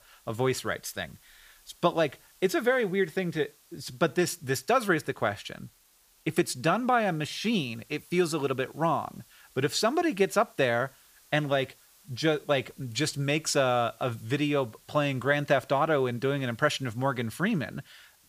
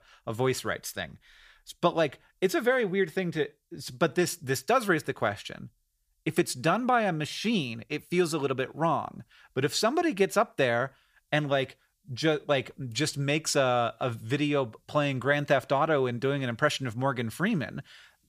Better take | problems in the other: second | hiss; faint; throughout; 30 dB below the speech

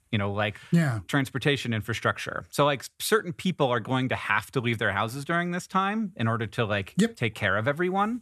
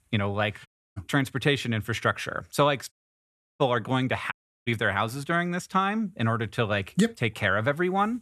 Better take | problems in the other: first | audio cutting out; at 0.5 s, at 3 s for 0.5 s and at 4.5 s

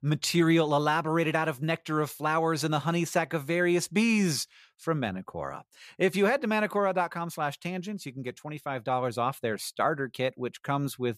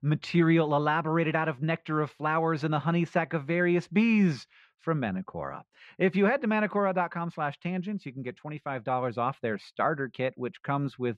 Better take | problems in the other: first | muffled; slightly; fading above 2.5 kHz

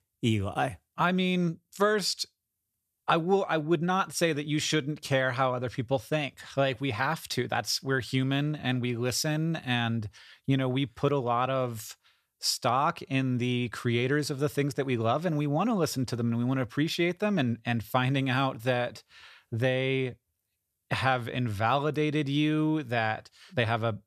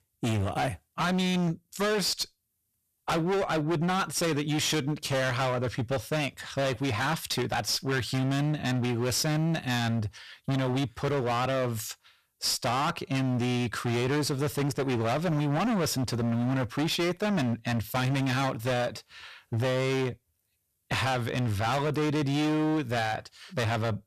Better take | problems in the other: first | distortion; heavy; 29% of the sound clipped

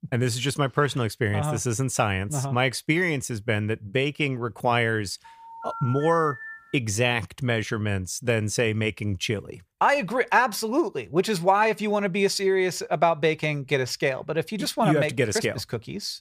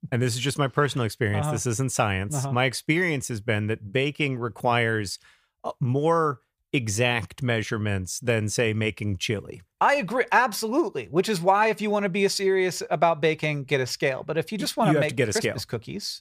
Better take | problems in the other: second | phone ringing; noticeable; from 5.5 to 7 s; peak 10 dB below the speech

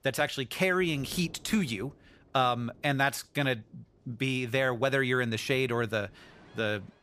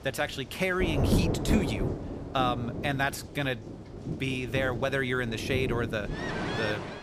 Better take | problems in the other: first | rain or running water; loud; throughout; 2 dB below the speech; faint in the first

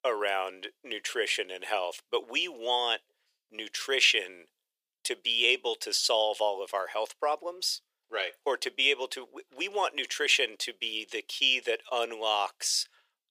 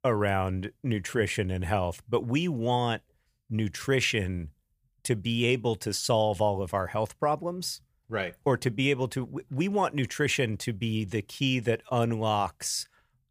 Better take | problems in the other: second | thin; very; fading below 400 Hz

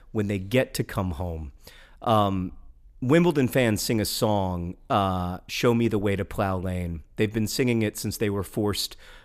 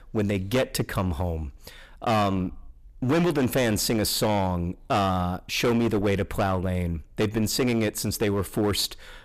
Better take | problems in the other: first | distortion; heavy; 13% of the sound clipped

